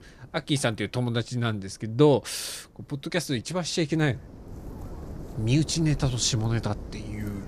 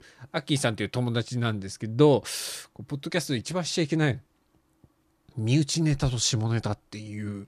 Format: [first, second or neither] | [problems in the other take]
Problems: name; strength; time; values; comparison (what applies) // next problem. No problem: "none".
second | wind noise on the microphone; occasional gusts; 20 dB below the speech